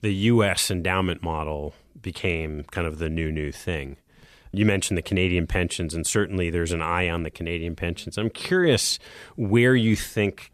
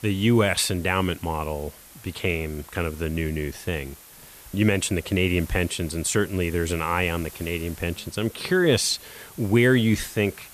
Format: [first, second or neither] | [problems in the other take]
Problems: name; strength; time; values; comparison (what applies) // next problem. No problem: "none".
first | hiss; noticeable; throughout; 20 dB below the speech